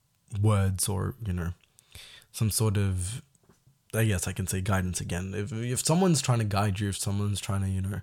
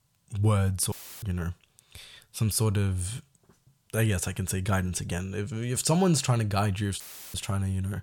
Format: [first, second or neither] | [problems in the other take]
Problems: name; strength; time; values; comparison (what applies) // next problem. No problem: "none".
first | audio cutting out; filled with static; at 1 s and at 7 s